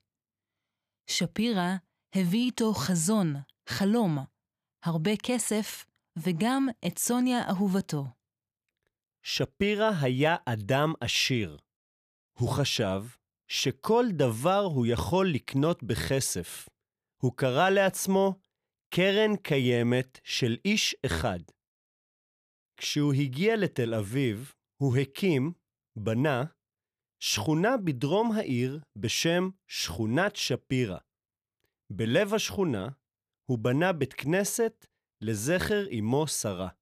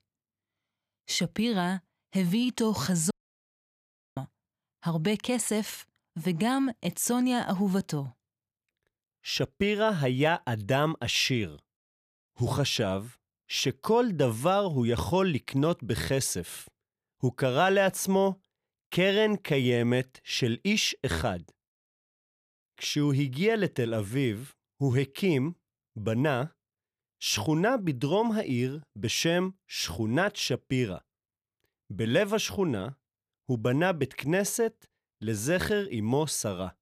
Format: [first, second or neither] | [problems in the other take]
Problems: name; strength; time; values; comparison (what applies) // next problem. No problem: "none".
first | audio cutting out; at 3 s for 1 s